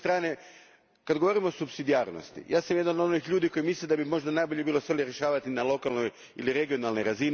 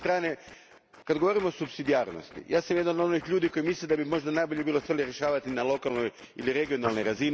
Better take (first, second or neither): first